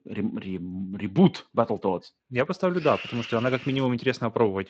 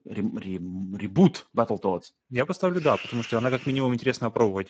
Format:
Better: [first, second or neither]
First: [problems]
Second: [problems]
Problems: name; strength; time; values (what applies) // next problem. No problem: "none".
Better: first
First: garbled, watery; slightly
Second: garbled, watery; badly; nothing above 7.5 kHz